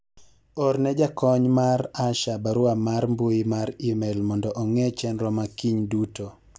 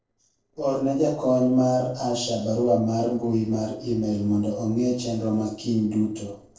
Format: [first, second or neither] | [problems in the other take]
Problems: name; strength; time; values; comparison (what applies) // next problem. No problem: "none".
first | noise reduction (neural separator model SepFormer DNS4)